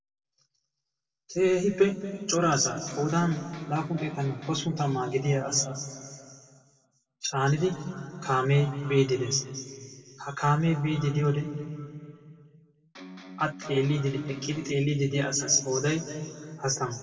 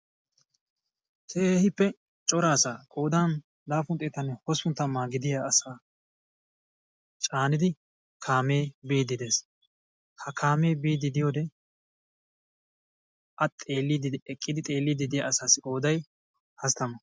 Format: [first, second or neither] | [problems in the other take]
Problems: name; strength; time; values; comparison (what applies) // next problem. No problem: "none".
second | background sound (Electric guitar); 16 dB below the speech // room echo; dies away in 2.3 s